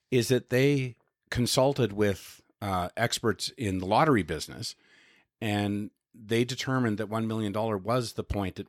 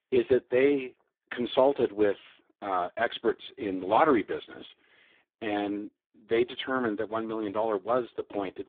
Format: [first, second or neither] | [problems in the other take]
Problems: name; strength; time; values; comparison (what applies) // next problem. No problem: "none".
first | phone-call audio; poor line; nothing above 3.5 kHz